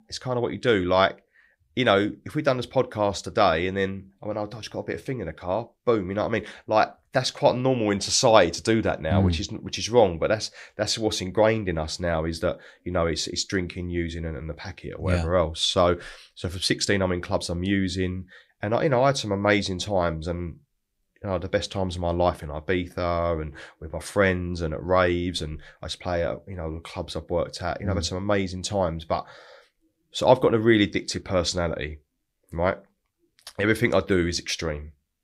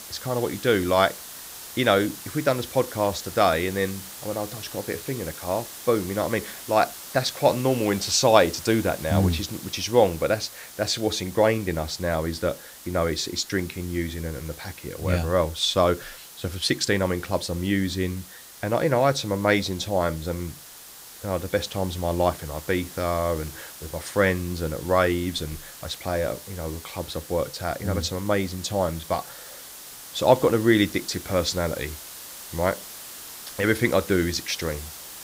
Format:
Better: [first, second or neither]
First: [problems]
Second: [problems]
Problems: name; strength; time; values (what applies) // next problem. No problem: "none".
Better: first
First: none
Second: hiss; noticeable; throughout; 15 dB below the speech